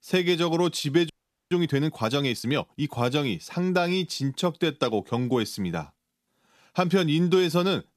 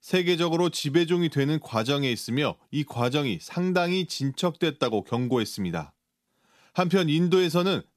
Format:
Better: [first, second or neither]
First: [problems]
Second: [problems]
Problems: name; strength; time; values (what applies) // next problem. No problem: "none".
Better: second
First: audio freezing; at 1 s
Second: none